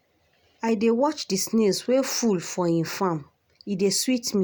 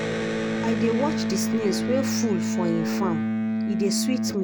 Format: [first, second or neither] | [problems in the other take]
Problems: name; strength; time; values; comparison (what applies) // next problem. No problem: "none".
first | background sound (Electric guitar); 2 dB above the speech